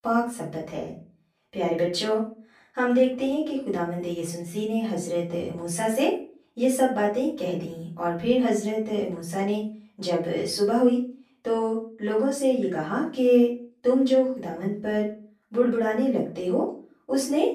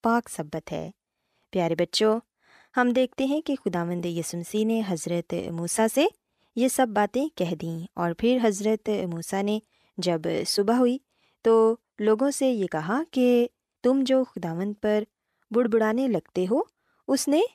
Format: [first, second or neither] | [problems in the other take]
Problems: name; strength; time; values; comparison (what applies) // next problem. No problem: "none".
second | off-mic speech; far // room echo; slight; dies away in 0.4 s